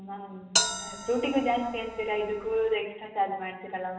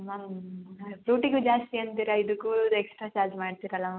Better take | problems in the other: second | background sound (Bell); 2 dB below the speech // room echo; dies away in 0.9 s

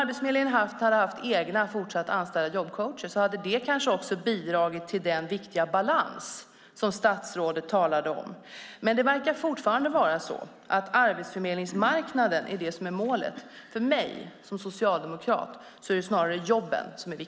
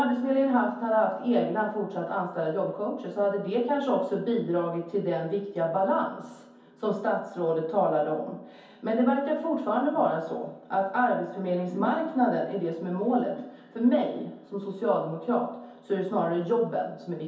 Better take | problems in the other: first | room echo; dies away in 0.6 s

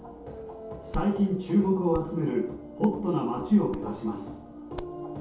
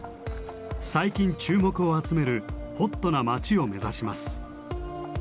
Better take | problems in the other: second | background sound (Hands); 16 dB below the speech // room echo; dies away in 0.7 s

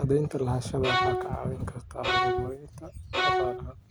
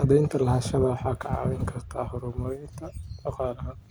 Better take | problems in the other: second | background sound (Bowed string instrument); 3 dB above the speech

